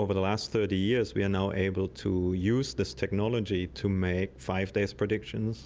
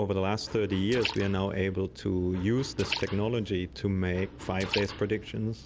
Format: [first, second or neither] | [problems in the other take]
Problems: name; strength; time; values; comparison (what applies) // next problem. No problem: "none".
first | background sound (Liquid); 12 dB below the speech